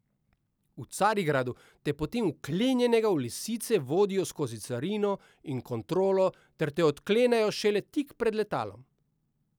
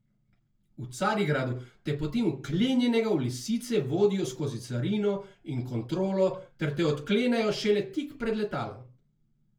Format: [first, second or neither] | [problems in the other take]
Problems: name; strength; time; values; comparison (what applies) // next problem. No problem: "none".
first | room echo; dies away in 0.3 s